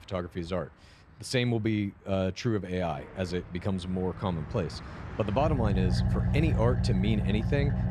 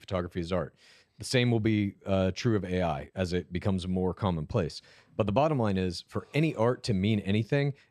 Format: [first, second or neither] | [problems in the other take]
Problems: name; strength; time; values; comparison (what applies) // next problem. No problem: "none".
second | traffic noise; very loud; throughout; as loud as the speech